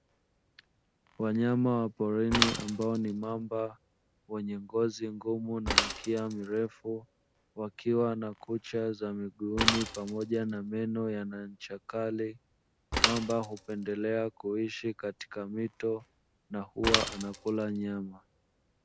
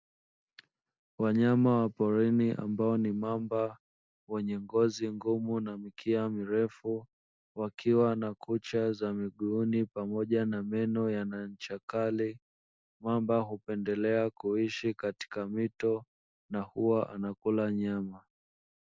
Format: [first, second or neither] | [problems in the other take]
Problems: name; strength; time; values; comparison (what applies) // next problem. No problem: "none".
second | background sound (Mechanisms / Bicycle); 5 dB below the speech